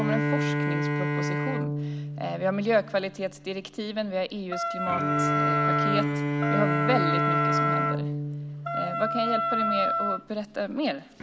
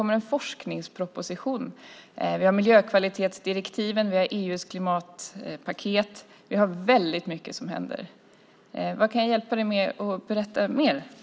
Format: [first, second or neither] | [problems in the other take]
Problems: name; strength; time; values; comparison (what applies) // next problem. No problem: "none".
second | background sound (Wind instrument, woodwind instrument + Bowed string instrument); 4 dB above the speech